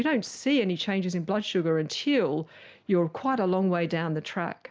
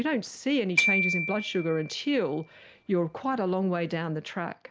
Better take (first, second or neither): first